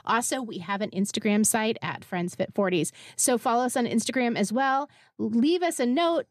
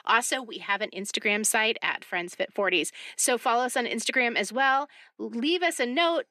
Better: first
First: none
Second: thin; somewhat; fading below 300 Hz

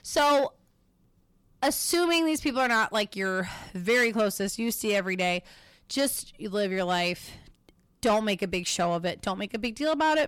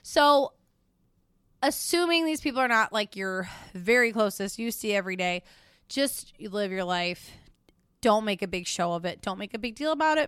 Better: second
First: distortion; slight; 10 dB below the speech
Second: none

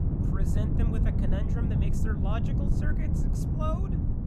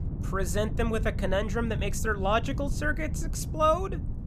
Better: second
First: wind noise on the microphone; heavy; 1 dB above the speech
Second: wind noise on the microphone; occasional gusts; 15 dB below the speech

